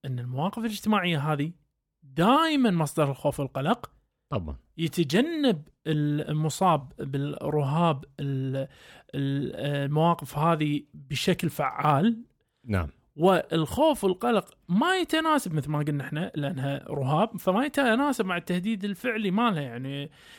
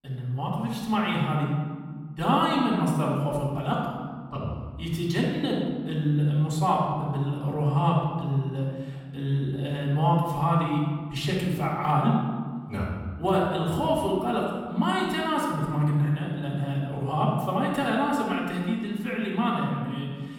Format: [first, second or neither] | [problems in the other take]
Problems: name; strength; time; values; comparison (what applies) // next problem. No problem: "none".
first | off-mic speech; far // room echo; noticeable; dies away in 1.5 s